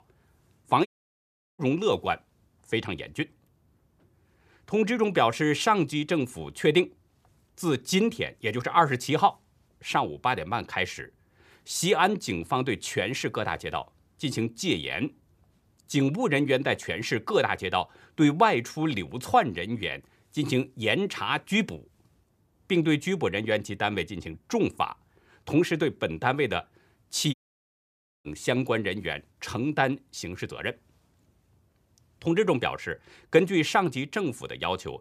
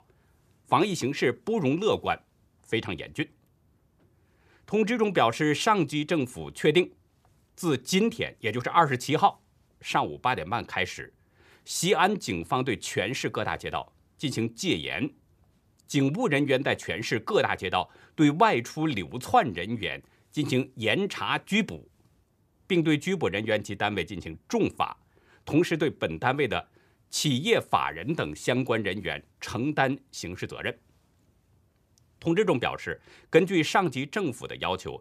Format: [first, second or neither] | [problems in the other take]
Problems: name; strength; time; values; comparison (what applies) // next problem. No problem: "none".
second | audio cutting out; at 1 s for 0.5 s and at 27 s for 1 s